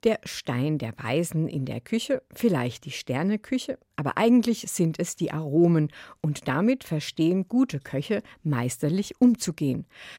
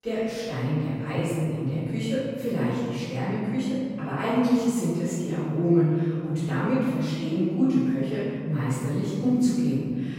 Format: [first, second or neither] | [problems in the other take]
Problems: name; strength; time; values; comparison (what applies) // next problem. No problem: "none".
first | off-mic speech; far // room echo; strong; dies away in 2.1 s